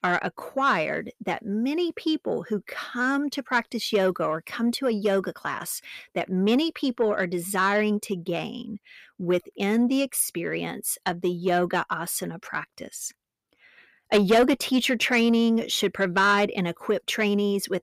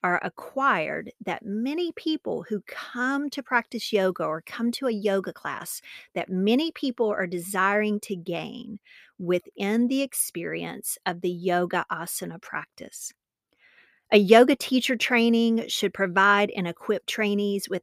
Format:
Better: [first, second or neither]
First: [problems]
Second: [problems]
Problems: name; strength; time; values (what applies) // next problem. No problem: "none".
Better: second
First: distortion; slight; 10 dB below the speech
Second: none